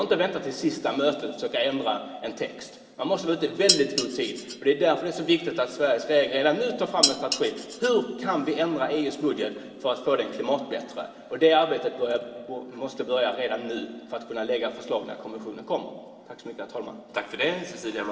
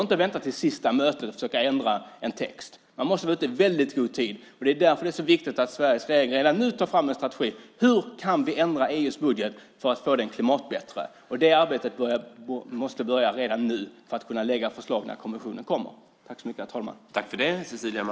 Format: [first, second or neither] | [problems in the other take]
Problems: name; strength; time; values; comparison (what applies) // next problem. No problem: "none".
second | background sound (Dishes, pots, and pans); 2 dB below the speech // room echo; dies away in 2.5 s